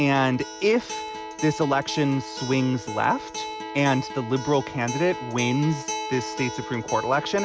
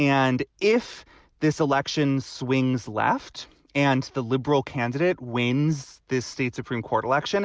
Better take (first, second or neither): second